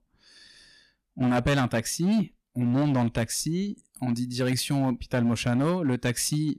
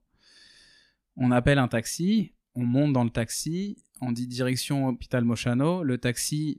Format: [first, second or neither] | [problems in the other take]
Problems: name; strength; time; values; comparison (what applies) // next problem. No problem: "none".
second | distortion; slight; 9% of the sound clipped